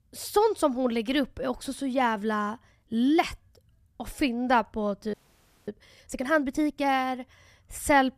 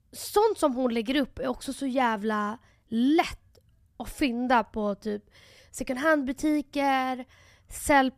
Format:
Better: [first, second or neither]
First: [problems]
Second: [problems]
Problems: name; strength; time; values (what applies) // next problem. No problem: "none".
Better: second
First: audio freezing; at 5 s for 0.5 s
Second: none